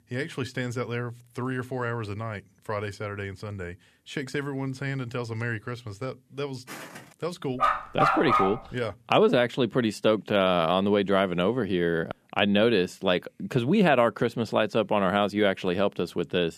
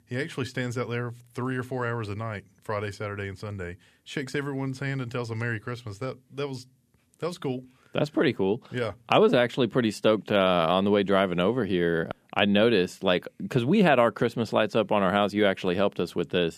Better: second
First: footsteps; faint; at 6.5 s; peak 15 dB below the speech // dog barking; loud; at 7.5 s; peak 4 dB above the speech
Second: none

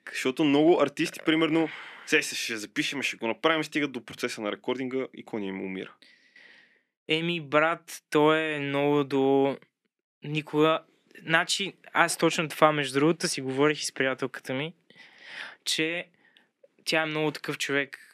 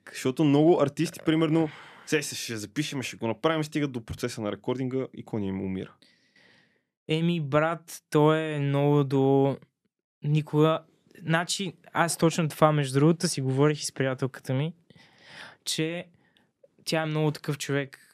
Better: second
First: thin; very slightly; fading below 250 Hz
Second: none

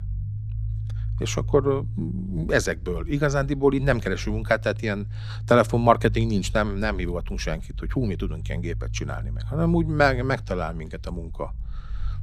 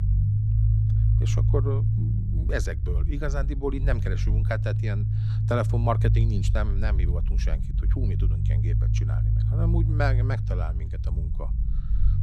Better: first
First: low rumble; faint; throughout; 25 dB below the speech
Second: low rumble; loud; throughout; 6 dB below the speech

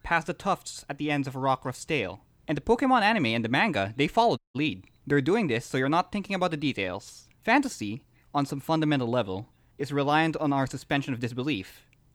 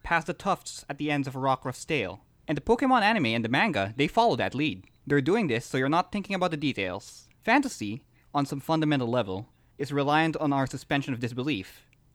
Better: second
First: audio cutting out; at 4.5 s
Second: none

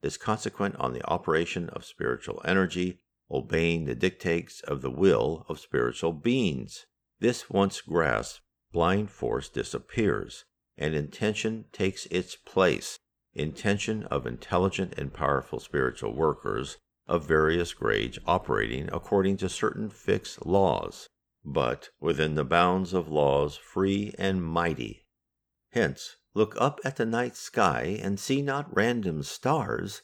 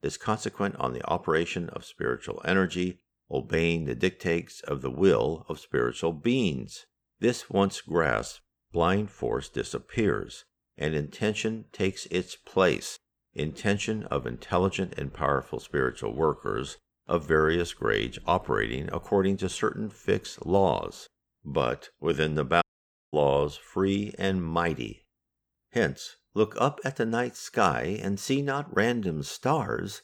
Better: first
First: none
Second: audio cutting out; at 23 s for 0.5 s

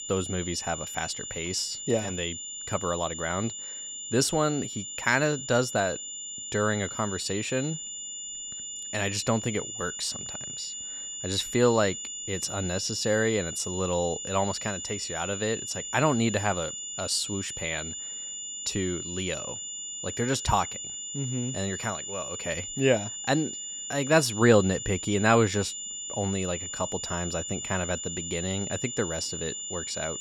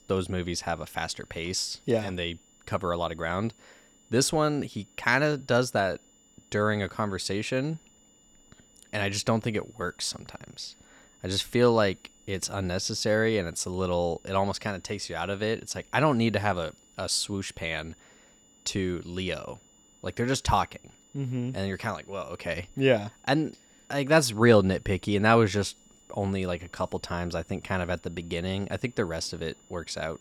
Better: second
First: high-pitched whine; loud; throughout; 7 kHz, 6 dB below the speech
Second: high-pitched whine; faint; throughout; 7 kHz, 30 dB below the speech

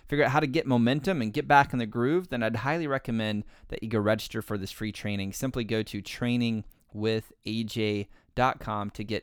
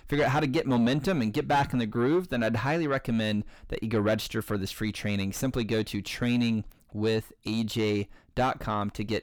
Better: first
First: none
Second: distortion; heavy; 8 dB below the speech

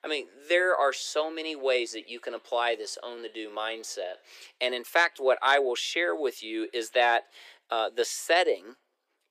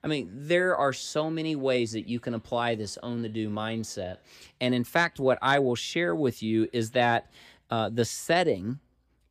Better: second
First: thin; very; fading below 350 Hz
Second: none

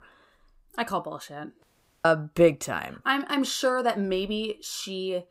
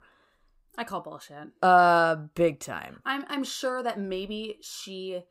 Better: second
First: audio cutting out; at 1.5 s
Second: none

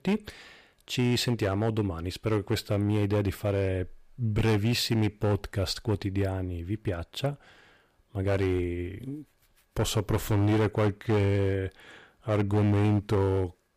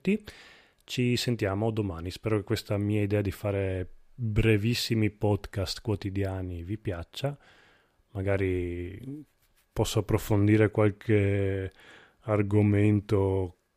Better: second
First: distortion; slight; 9% of the sound clipped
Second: none

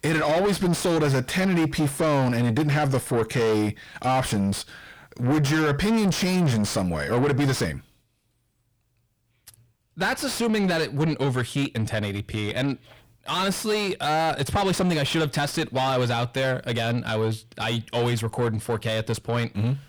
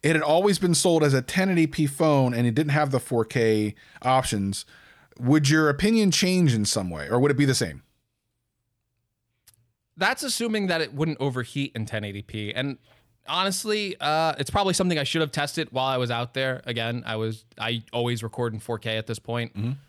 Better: second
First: distortion; heavy; 6 dB below the speech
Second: none

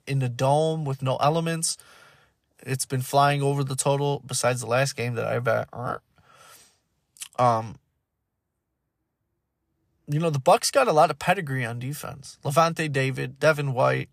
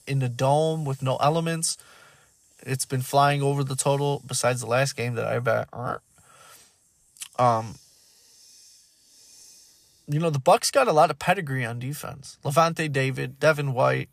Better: first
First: none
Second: hiss; faint; throughout; 30 dB below the speech

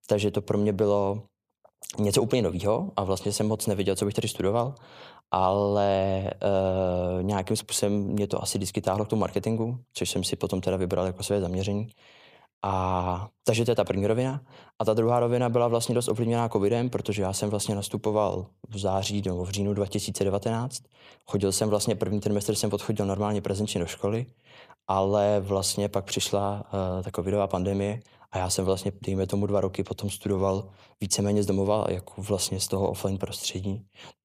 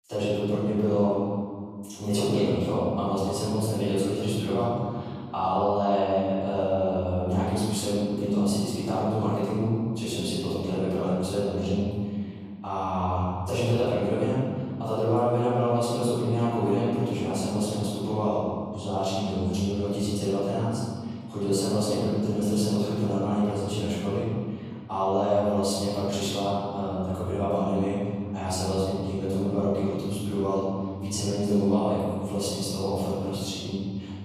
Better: first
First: none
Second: off-mic speech; far // room echo; strong; dies away in 2.1 s

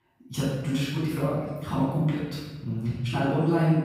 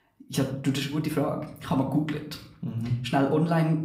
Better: second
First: room echo; strong; dies away in 1.1 s // off-mic speech; far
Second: room echo; slight; dies away in 0.5 s // off-mic speech; somewhat distant

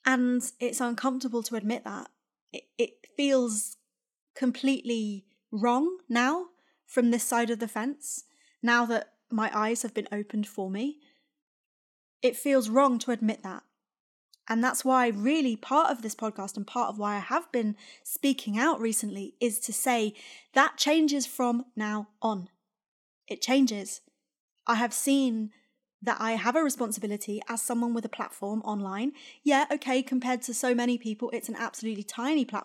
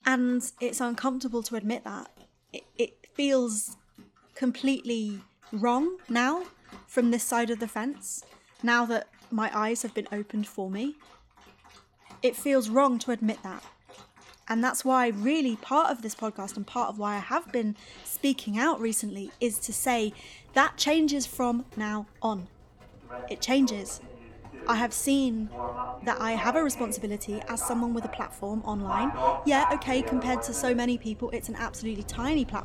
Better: first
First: none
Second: animal sounds; loud; throughout; 9 dB below the speech

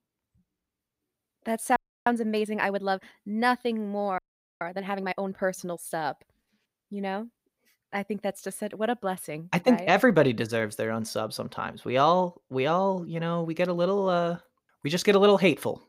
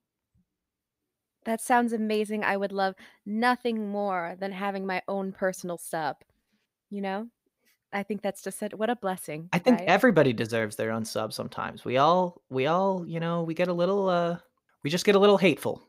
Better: second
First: audio freezing; at 2 s and at 4 s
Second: none

